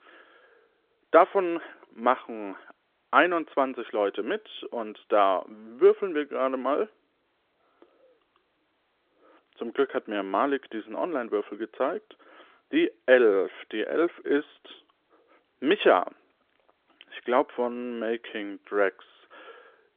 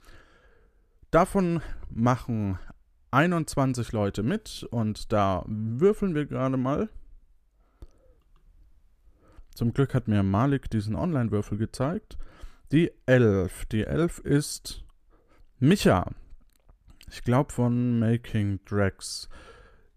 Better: second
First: phone-call audio; nothing above 3.5 kHz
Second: none

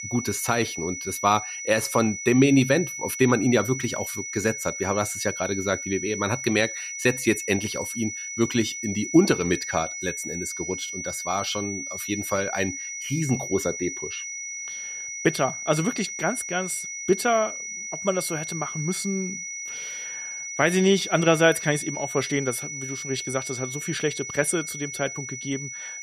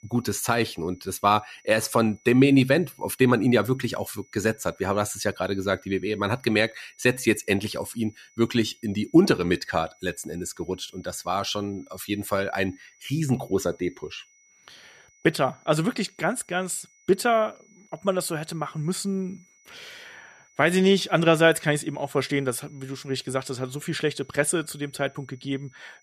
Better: second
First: high-pitched whine; loud; throughout; 6 kHz, 6 dB below the speech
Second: high-pitched whine; faint; throughout; 6 kHz, 30 dB below the speech

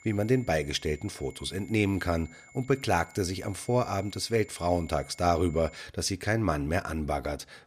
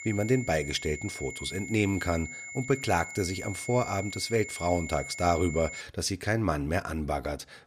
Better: first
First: high-pitched whine; faint; until 6 s; 2 kHz, 25 dB below the speech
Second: high-pitched whine; loud; until 6 s; 2 kHz, 9 dB below the speech

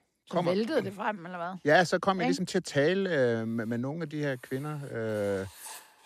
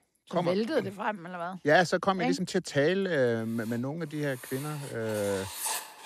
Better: first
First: household noises; faint; throughout; 20 dB below the speech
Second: household noises; loud; throughout; 9 dB below the speech

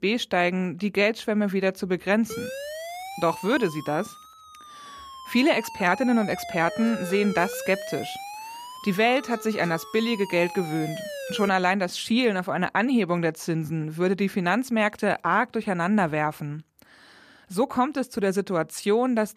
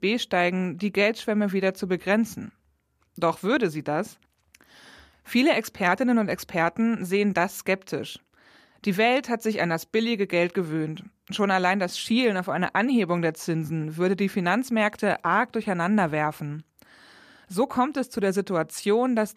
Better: second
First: siren; noticeable; from 2.5 to 12 s; peak 9 dB below the speech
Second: none

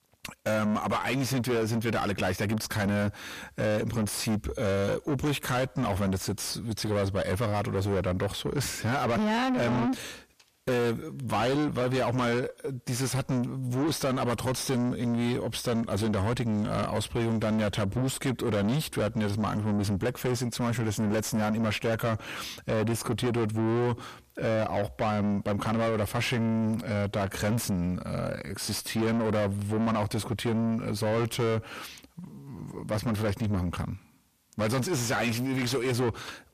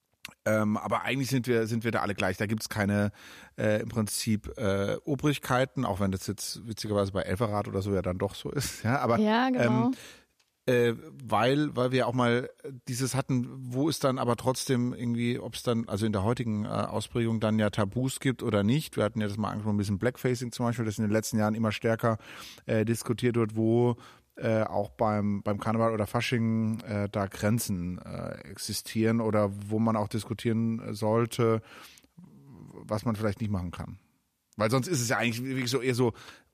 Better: second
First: distortion; heavy; 6 dB below the speech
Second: none

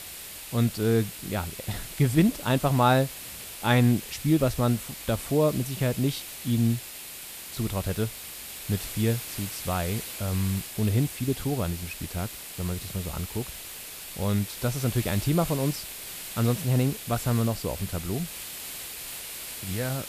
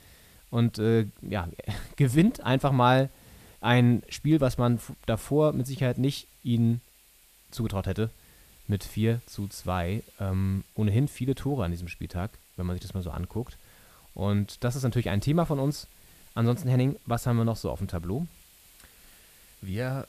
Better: second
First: hiss; loud; throughout; 9 dB below the speech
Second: hiss; faint; throughout; 25 dB below the speech

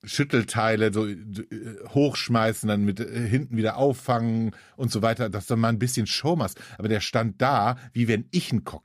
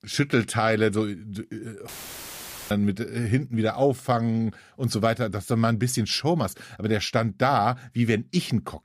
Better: first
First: none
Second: audio cutting out; filled with static; at 2 s for 1 s

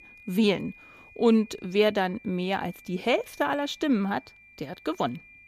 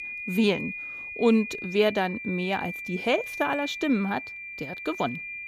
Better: first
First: high-pitched whine; faint; throughout; 2.5 kHz, 25 dB below the speech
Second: high-pitched whine; loud; throughout; 2.5 kHz, 8 dB below the speech

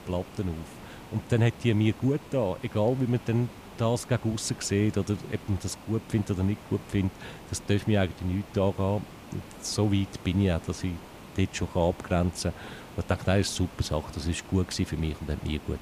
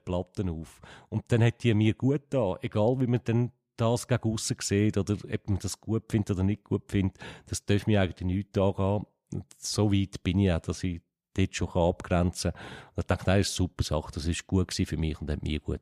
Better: second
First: hiss; noticeable; throughout; 15 dB below the speech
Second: none

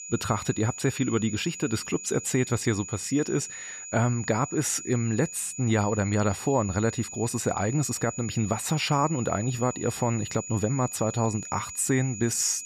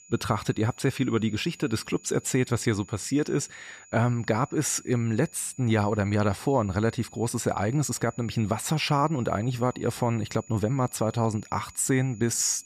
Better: second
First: high-pitched whine; loud; throughout; 7 kHz, 9 dB below the speech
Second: high-pitched whine; faint; throughout; 7 kHz, 25 dB below the speech

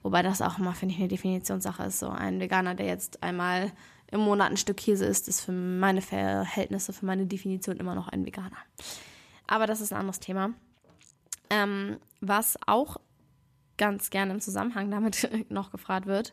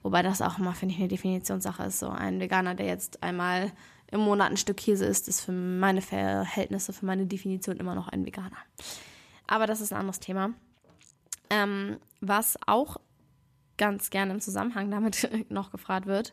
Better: neither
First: none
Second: none

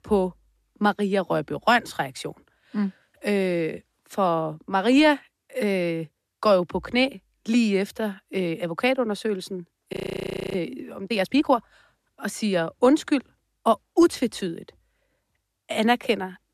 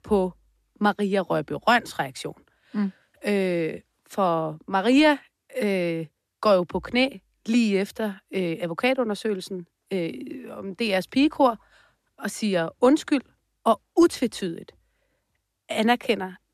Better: second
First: audio freezing; at 10 s for 0.5 s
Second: none

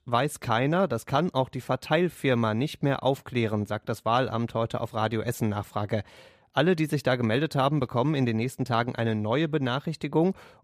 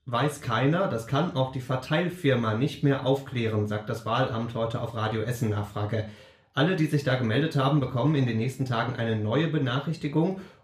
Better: first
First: none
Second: room echo; slight; dies away in 0.4 s // off-mic speech; somewhat distant

